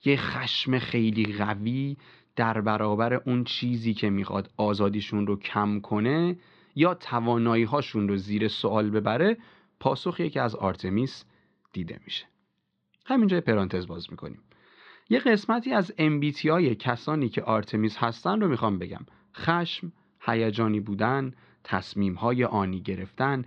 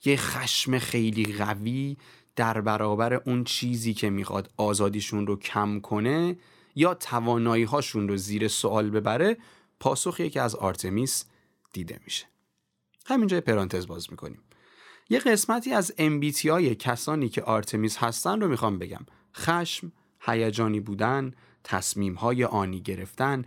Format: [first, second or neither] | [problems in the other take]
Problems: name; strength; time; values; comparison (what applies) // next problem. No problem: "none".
second | muffled; slightly; fading above 4 kHz